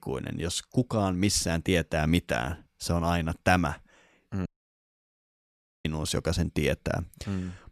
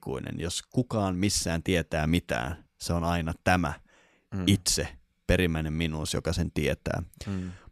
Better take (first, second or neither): second